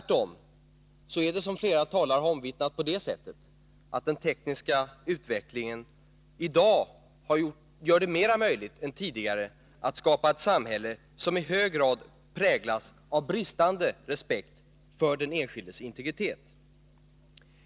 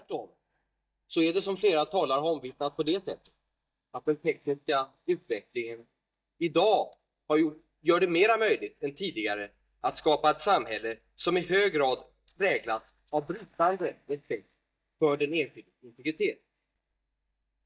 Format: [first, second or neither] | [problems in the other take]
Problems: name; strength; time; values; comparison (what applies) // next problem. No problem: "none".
first | noise reduction (neural mask model DeepFilterNet 3)